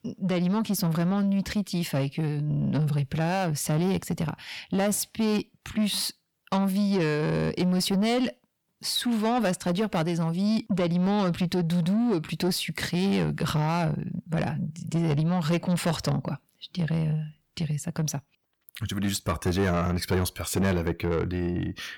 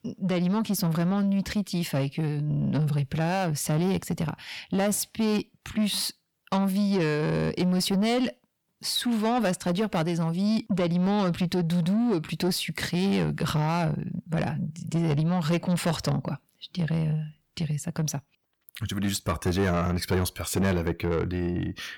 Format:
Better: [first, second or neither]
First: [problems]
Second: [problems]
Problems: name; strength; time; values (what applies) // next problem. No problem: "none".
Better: neither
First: distortion; slight; 10 dB below the speech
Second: distortion; slight; 10 dB below the speech